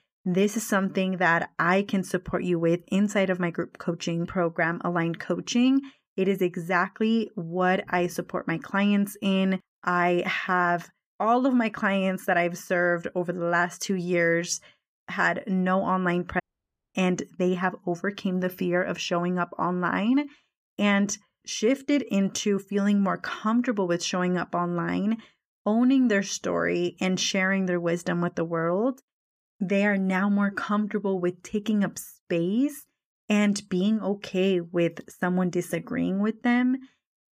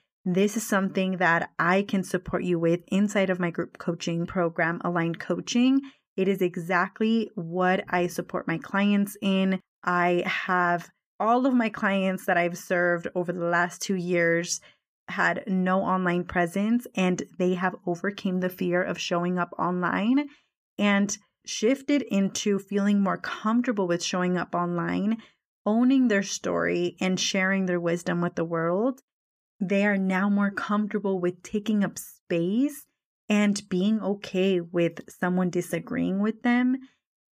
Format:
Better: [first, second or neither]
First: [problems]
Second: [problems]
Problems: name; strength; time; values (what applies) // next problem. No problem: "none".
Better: second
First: audio cutting out; at 16 s for 0.5 s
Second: none